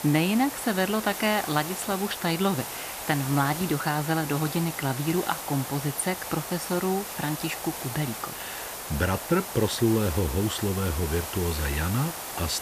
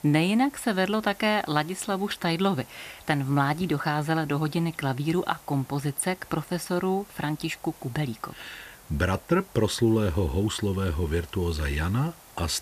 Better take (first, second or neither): second